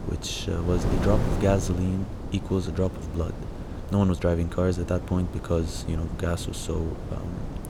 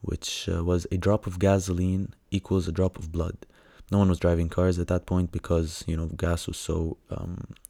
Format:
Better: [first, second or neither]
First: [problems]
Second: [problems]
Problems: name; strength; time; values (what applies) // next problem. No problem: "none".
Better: second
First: wind noise on the microphone; heavy; 8 dB below the speech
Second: none